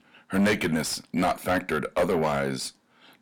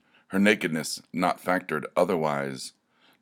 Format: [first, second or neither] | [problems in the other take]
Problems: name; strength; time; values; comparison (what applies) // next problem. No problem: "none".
second | distortion; heavy; 6 dB below the speech